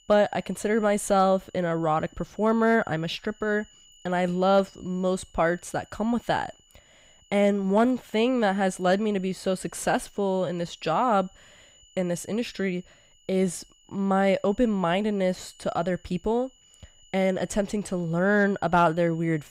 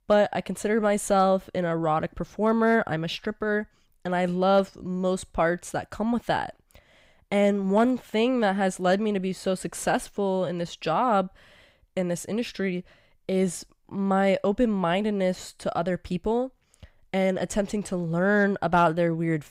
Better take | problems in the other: second | high-pitched whine; faint; throughout; 7 kHz, 30 dB below the speech

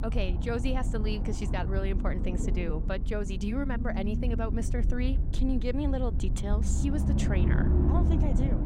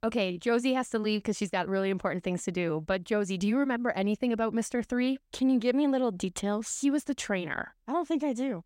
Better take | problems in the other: second | low rumble; loud; throughout; 5 dB below the speech

